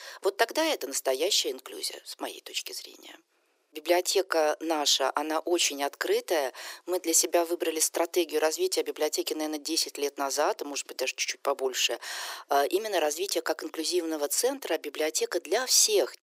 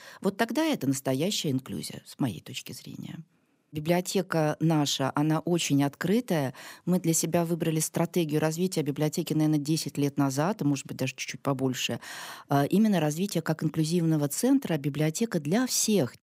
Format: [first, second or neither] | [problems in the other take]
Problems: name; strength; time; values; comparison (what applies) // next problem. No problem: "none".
second | thin; very; fading below 350 Hz